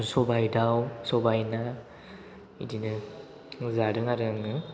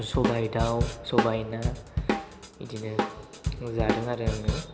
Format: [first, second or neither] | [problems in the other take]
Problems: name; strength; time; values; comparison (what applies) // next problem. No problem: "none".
first | background sound (Drum kit); 1 dB above the speech